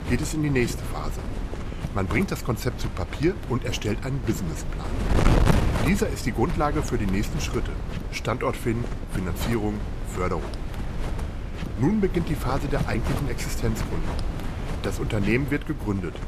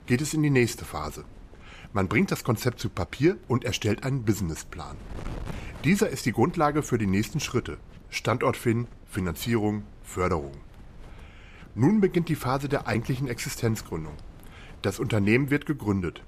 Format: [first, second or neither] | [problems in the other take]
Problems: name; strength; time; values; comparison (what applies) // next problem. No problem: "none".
second | wind noise on the microphone; heavy; 5 dB below the speech; occasional gusts in the second